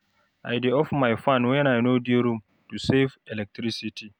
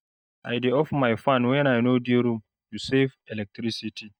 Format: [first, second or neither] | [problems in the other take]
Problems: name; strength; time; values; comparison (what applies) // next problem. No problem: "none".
first | noise reduction (neural mask model DeepFilterNet 3)